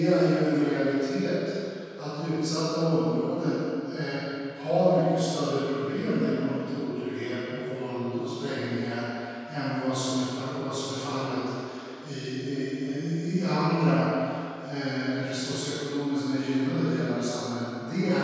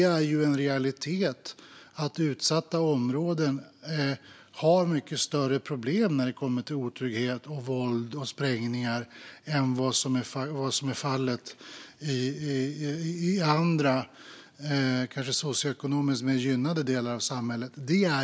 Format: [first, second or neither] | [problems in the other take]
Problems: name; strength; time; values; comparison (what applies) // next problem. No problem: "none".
second | room echo; dies away in 2.2 s